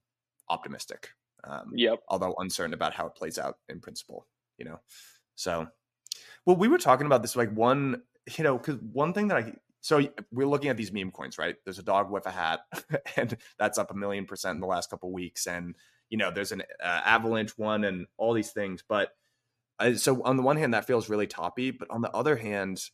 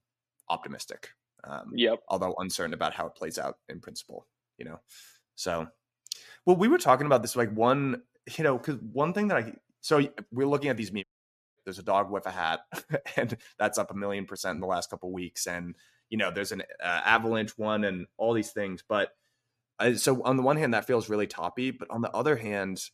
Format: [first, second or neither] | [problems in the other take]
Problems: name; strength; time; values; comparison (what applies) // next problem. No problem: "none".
first | audio cutting out; at 11 s for 0.5 s